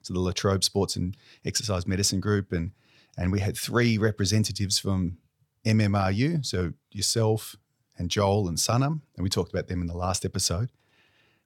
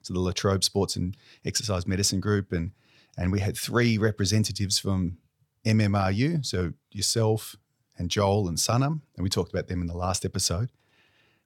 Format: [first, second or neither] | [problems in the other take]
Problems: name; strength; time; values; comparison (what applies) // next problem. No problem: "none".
neither | none